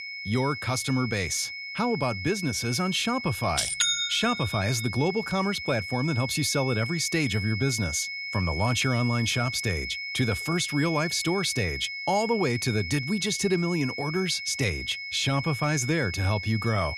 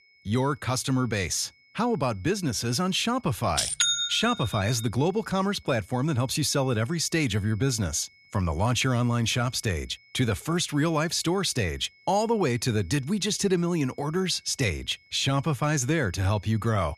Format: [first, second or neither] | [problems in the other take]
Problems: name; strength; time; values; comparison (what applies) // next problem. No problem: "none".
second | high-pitched whine; loud; throughout; 2 kHz, 6 dB below the speech; faint in the second